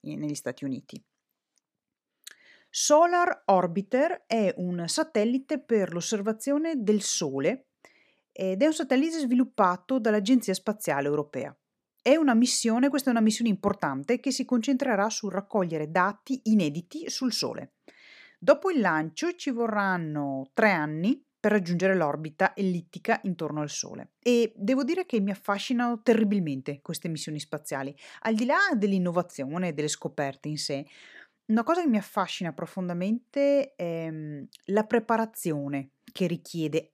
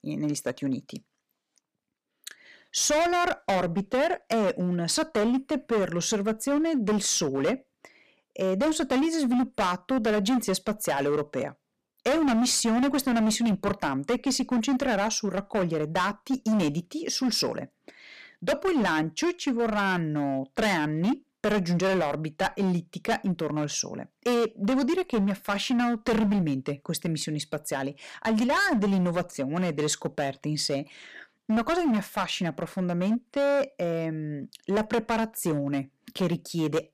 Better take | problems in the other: first | distortion; heavy; 15% of the sound clipped

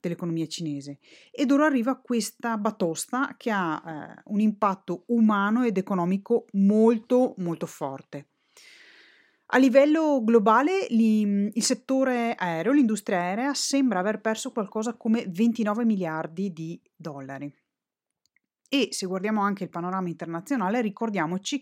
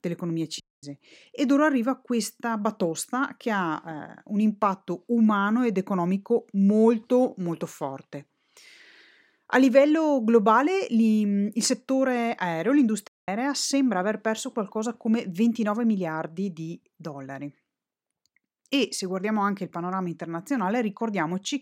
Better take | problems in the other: first | audio cutting out; at 0.5 s and at 13 s

